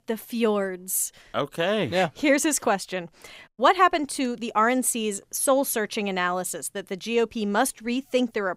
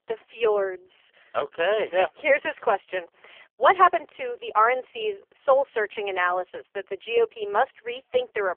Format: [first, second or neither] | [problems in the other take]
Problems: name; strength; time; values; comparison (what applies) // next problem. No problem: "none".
first | phone-call audio; poor line; nothing above 3 kHz